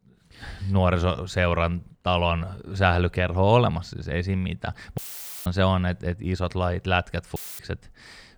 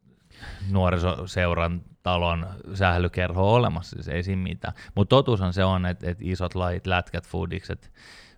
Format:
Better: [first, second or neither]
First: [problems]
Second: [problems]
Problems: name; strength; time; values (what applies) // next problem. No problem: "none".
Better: second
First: audio cutting out; filled with static; at 5 s and at 7.5 s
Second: none